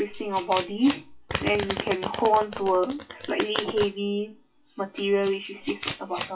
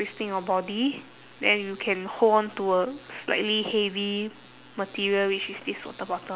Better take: second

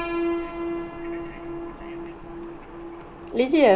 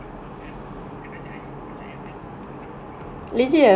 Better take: second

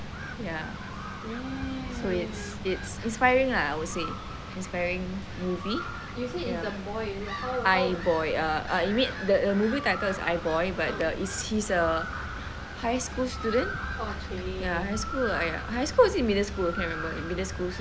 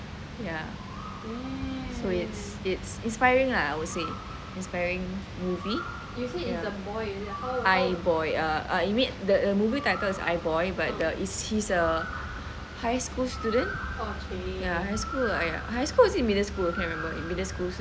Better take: second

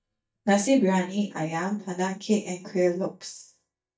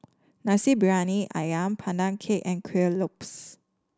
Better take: second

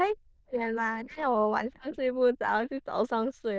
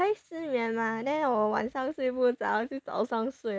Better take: second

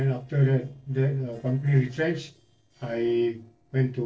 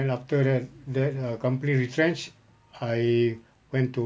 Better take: second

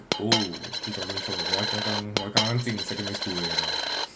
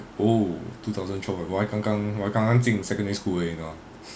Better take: second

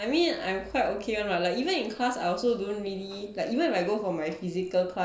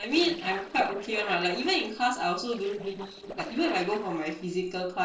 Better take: first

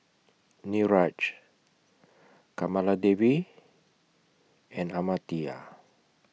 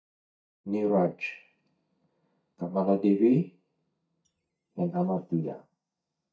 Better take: first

